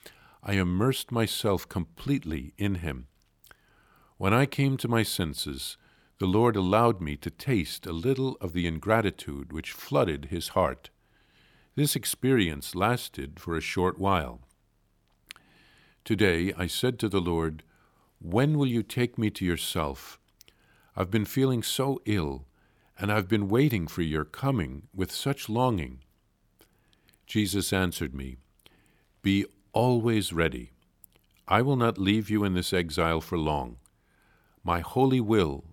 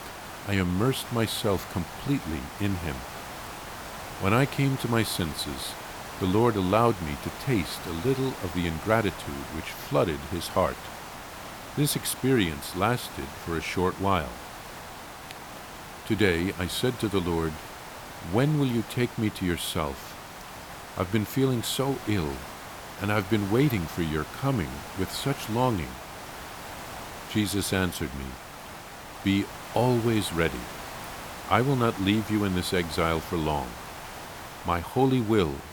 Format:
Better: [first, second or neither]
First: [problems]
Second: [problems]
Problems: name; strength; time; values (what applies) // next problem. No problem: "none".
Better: first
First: none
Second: hiss; noticeable; throughout; 10 dB below the speech